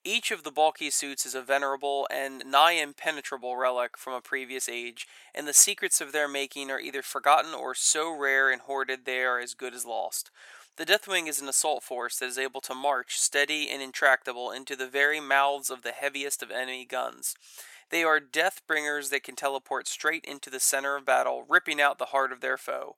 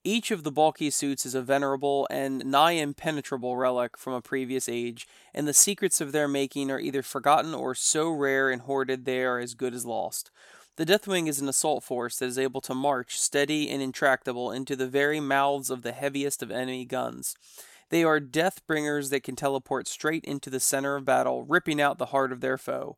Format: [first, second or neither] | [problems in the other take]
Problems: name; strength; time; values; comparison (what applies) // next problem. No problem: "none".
second | thin; somewhat; fading below 600 Hz